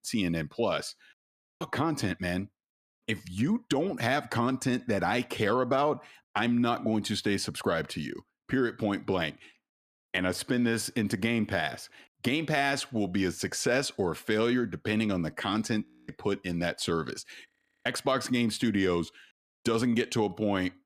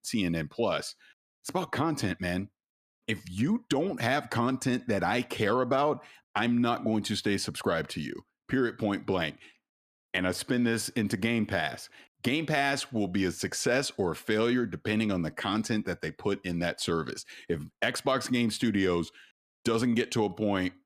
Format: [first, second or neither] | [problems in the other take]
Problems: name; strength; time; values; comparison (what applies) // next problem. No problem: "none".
second | audio freezing; at 1.5 s, at 16 s and at 17 s